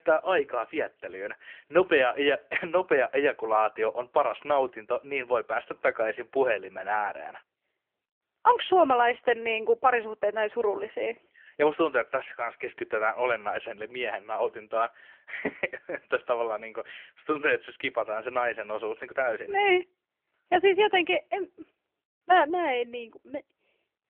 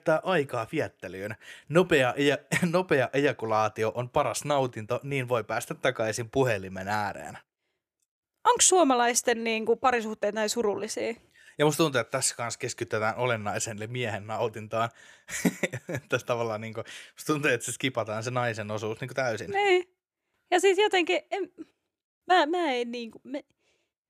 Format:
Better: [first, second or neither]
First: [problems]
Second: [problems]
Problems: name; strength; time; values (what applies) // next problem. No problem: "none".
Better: second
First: phone-call audio; nothing above 3 kHz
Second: none